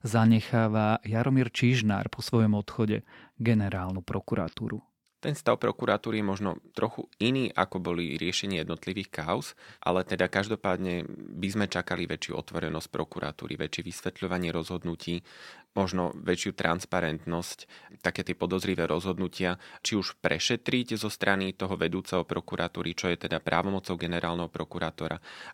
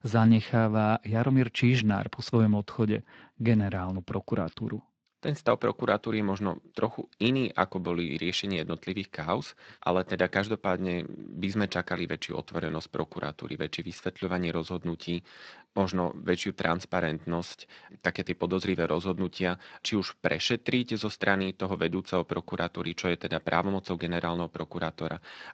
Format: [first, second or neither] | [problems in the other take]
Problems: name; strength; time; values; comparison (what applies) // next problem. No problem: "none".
first | garbled, watery; slightly